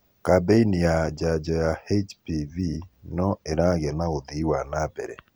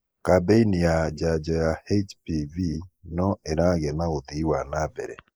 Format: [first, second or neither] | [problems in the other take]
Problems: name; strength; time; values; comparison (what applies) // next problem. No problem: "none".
first | noise reduction (neural mask model Resemble Enhance denoiser)